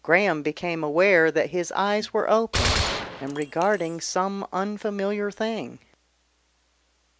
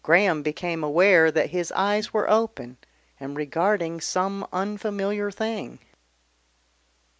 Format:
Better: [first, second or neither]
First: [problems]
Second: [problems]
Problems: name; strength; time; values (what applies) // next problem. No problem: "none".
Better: second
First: background sound (Gunshot, gunfire); 4 dB below the speech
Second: none